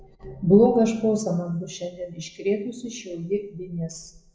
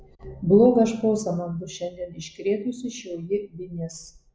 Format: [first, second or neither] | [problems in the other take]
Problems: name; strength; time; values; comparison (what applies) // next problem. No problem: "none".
second | room echo; dies away in 0.5 s